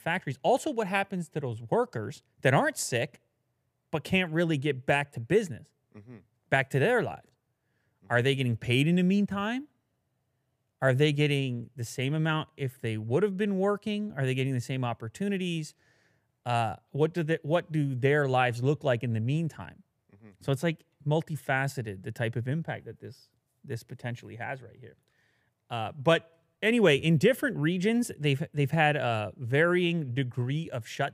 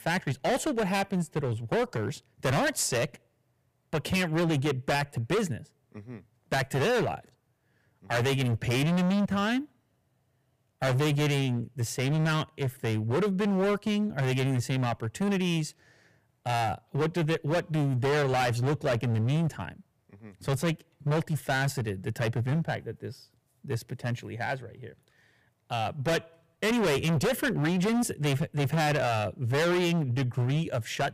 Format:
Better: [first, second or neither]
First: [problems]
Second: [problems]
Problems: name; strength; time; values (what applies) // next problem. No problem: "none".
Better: first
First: none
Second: distortion; heavy; 19% of the sound clipped